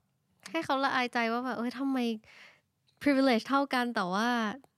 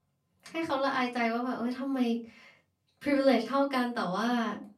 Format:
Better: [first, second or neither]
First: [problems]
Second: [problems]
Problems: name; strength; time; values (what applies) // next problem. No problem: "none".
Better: first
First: none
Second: off-mic speech; far // room echo; very slight; dies away in 0.3 s